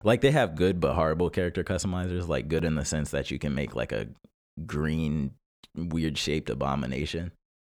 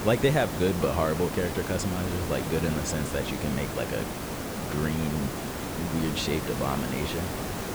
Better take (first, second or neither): first